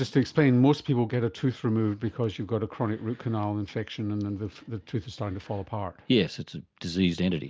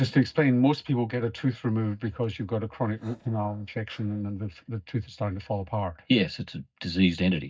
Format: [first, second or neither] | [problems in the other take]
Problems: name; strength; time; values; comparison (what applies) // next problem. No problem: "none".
first | noise reduction (neural mask model DeepFilterNet 3)